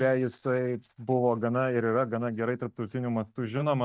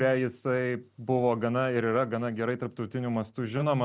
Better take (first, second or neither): second